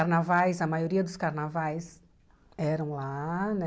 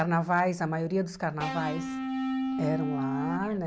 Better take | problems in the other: first | background sound (Electric guitar / Bass guitar); 1 dB below the speech

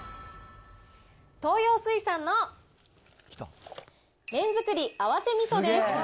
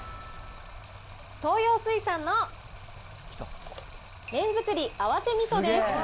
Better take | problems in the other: first | background sound (Stream); 15 dB below the speech

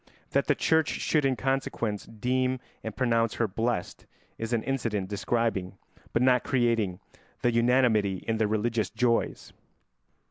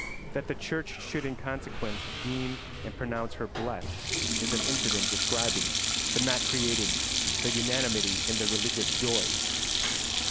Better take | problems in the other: first | background sound (Sink (filling or washing)); 5 dB above the speech

